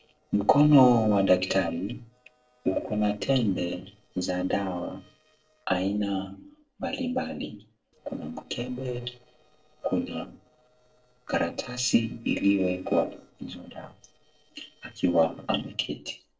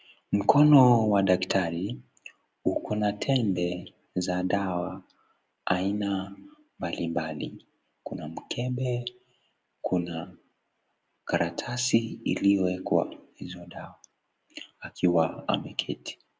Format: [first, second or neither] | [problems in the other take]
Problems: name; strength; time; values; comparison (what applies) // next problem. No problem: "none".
second | noise reduction (neural separator model SepFormer DNS4)